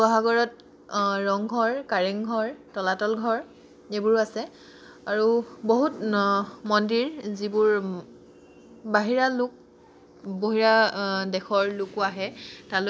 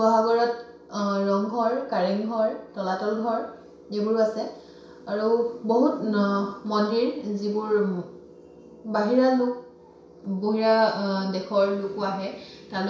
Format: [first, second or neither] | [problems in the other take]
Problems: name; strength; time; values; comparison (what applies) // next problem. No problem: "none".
first | room echo; dies away in 0.6 s